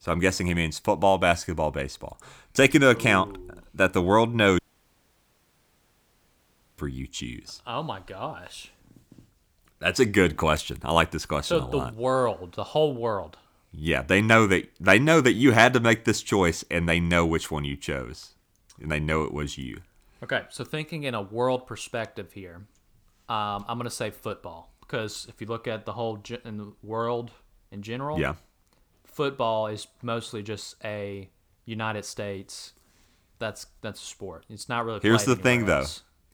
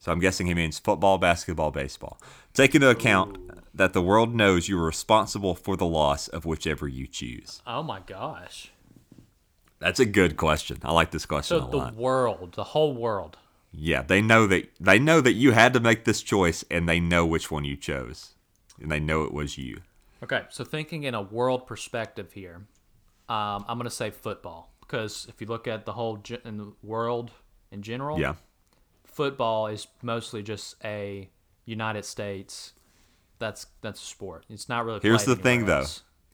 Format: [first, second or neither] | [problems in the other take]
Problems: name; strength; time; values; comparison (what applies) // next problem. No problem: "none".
second | audio cutting out; at 4.5 s for 2 s